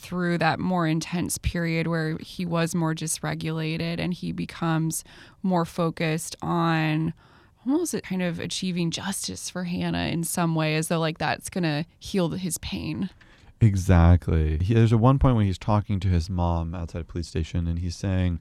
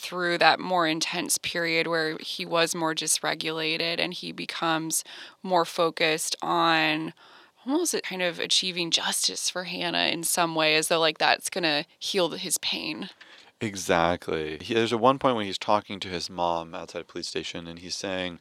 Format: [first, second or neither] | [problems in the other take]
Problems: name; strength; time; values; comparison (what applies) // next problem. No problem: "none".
first | thin; very; fading below 450 Hz